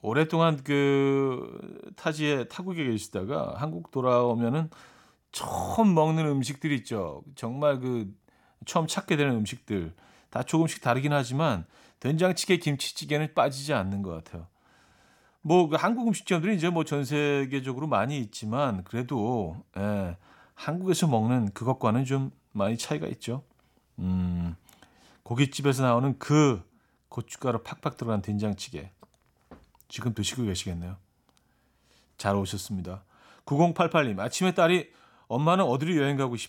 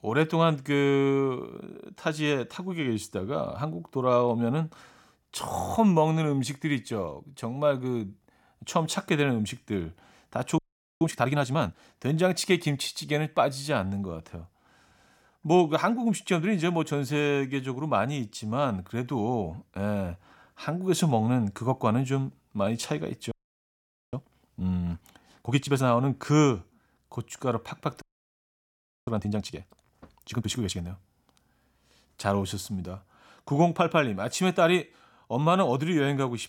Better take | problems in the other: first | audio freezing; at 11 s, at 23 s for 1 s and at 28 s for 1 s

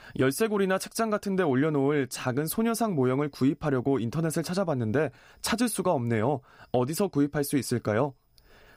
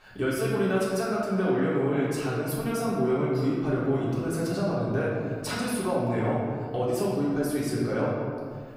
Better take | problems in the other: first | room echo; noticeable; dies away in 1.8 s // off-mic speech; far

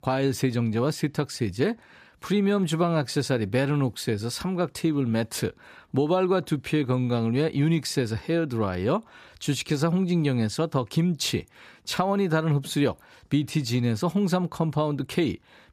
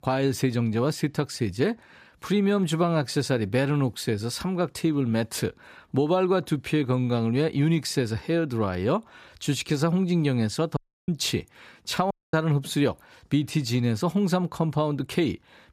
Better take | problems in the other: first | audio cutting out; at 11 s and at 12 s

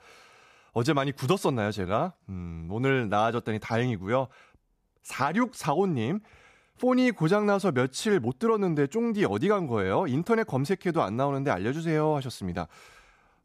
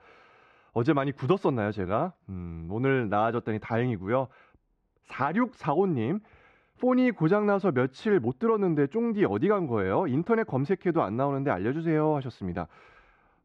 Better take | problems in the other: first | muffled; slightly; fading above 2.5 kHz

